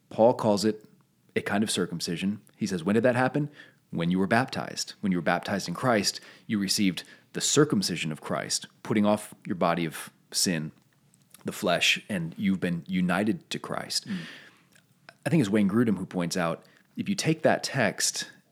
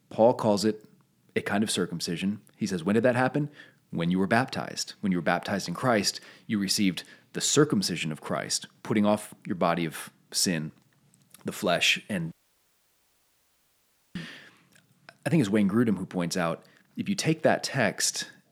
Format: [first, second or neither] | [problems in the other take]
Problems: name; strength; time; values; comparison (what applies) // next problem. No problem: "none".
first | audio cutting out; at 12 s for 2 s